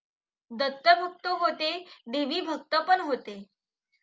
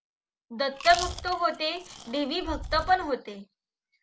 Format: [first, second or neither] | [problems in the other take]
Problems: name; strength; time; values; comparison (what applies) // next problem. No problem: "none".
first | background sound (Chewing, mastication); 10 dB below the speech